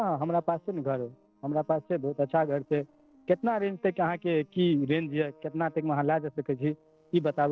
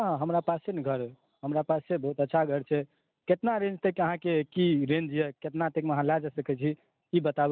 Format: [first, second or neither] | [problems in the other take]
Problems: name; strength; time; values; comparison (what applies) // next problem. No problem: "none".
second | noise reduction (neural separator model SepFormer DNS4)